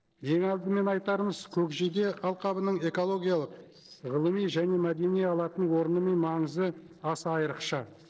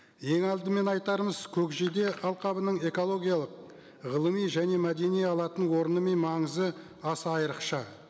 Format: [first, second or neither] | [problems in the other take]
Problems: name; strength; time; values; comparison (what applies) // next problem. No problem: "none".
second | noise reduction (neural separator model SepFormer DNS4)